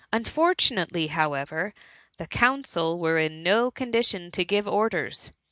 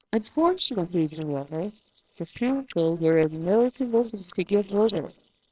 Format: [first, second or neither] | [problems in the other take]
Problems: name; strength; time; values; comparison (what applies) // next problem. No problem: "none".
first | noise reduction (neural separator model SepFormer WHAMR!)